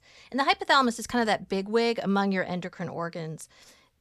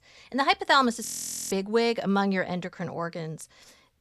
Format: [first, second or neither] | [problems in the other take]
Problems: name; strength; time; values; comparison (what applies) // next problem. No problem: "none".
first | audio freezing; at 1 s